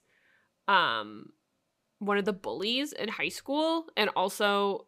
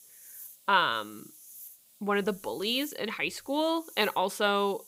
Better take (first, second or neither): first